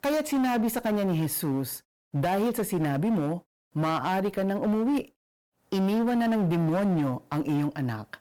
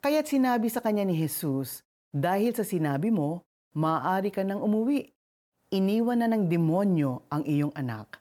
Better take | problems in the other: second | distortion; slight; 19% of the sound clipped

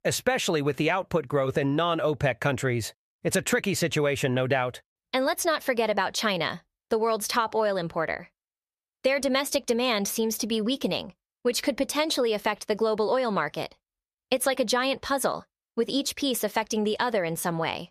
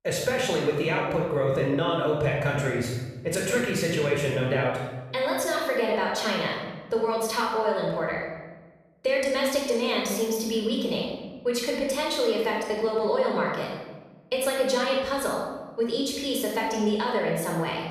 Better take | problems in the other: first | off-mic speech; somewhat distant // room echo; noticeable; dies away in 1.1 s

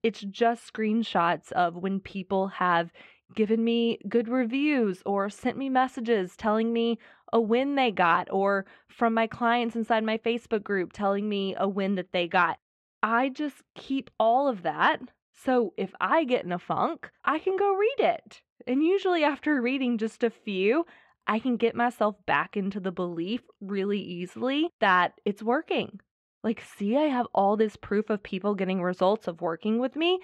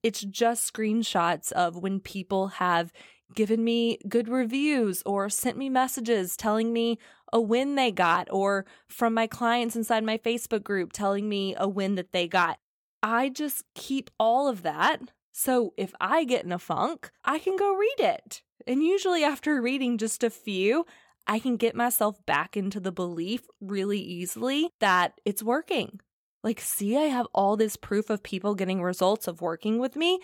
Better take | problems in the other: second | muffled; slightly; fading above 2.5 kHz

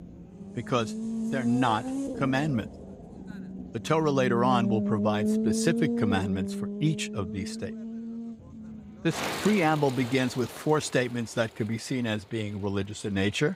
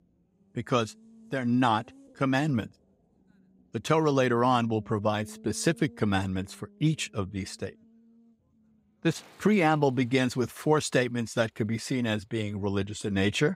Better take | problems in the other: second | traffic noise; loud; throughout; 5 dB below the speech; faint in the second

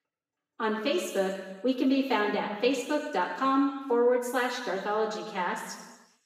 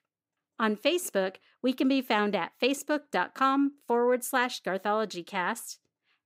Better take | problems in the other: second | room echo; noticeable; dies away in 1.1 s // off-mic speech; far

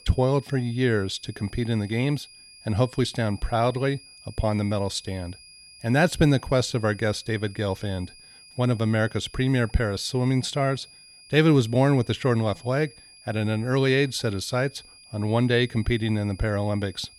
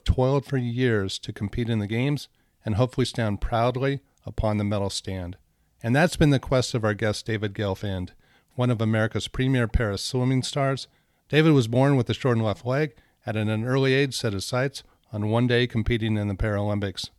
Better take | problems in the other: second | high-pitched whine; faint; throughout; 5 kHz, 20 dB below the speech

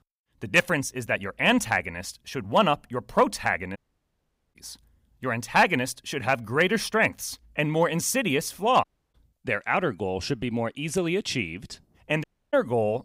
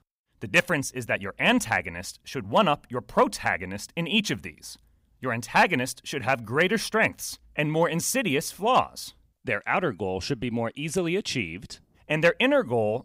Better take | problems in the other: second | audio cutting out; at 4 s for 1 s, at 9 s and at 12 s

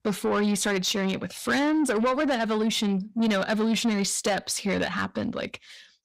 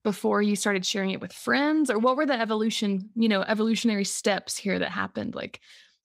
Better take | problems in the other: second | distortion; slight; 10 dB below the speech

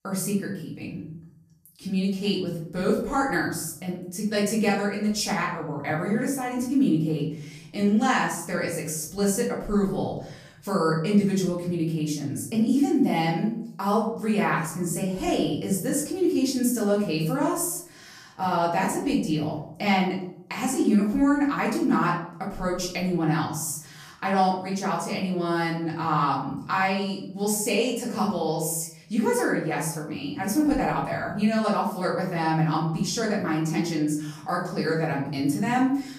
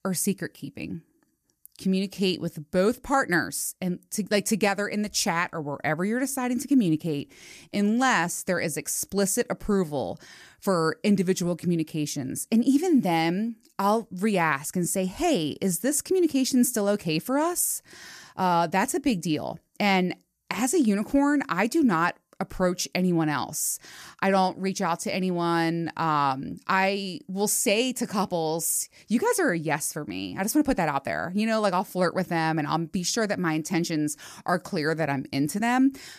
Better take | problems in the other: second | off-mic speech; far // room echo; noticeable; dies away in 0.7 s

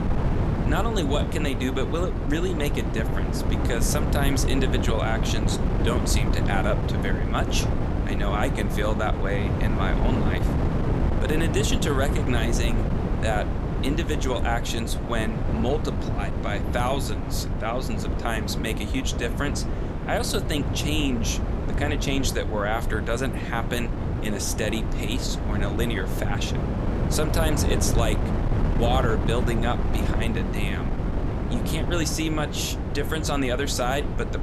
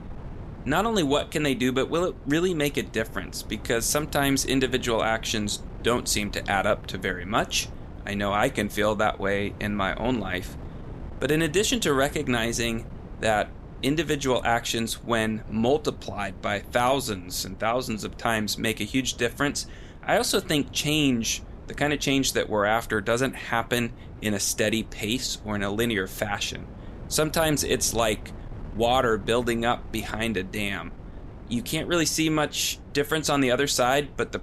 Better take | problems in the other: second | wind noise on the microphone; heavy; 4 dB below the speech; occasional gusts in the second

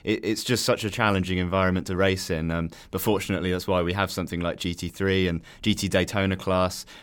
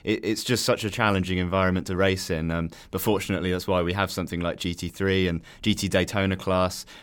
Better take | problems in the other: neither | none

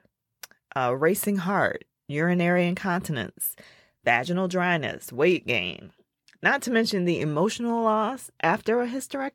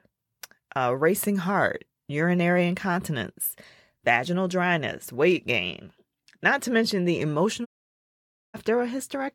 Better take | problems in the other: first | audio cutting out; at 7.5 s for 1 s

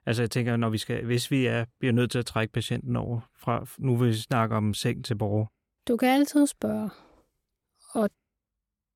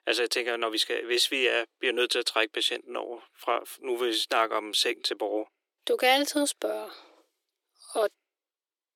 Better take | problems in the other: first | thin; very; fading below 350 Hz

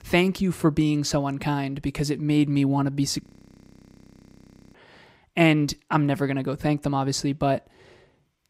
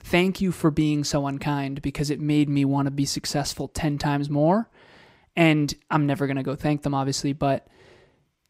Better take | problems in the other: second | audio freezing; at 3 s for 1.5 s

